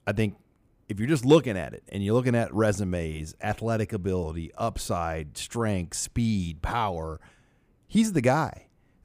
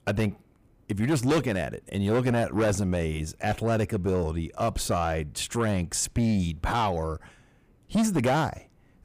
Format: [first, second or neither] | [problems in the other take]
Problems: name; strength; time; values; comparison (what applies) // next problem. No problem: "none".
first | distortion; heavy; 7 dB below the speech